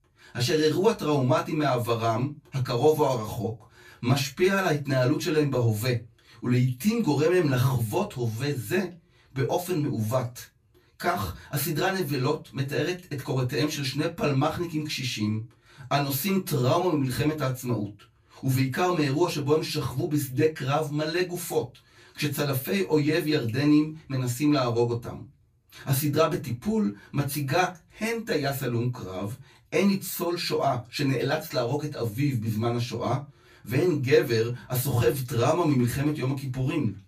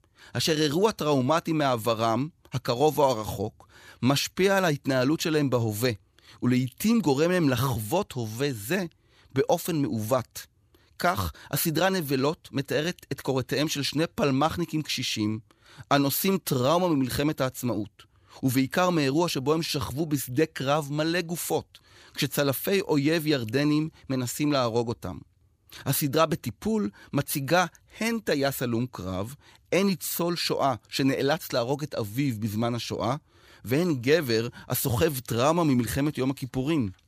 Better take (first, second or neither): second